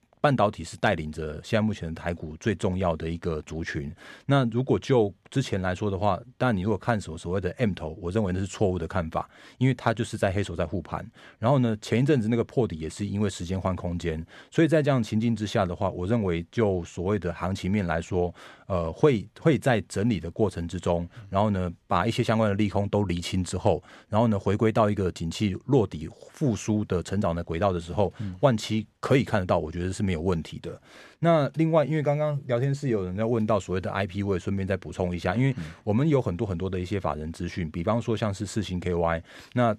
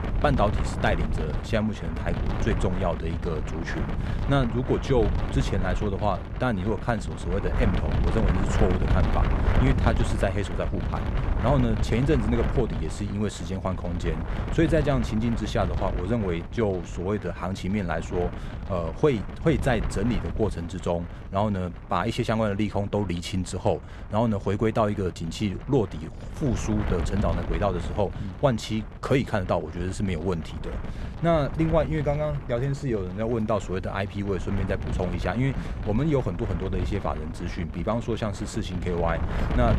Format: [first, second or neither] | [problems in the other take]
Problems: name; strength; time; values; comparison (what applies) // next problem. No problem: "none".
first | wind noise on the microphone; heavy; 9 dB below the speech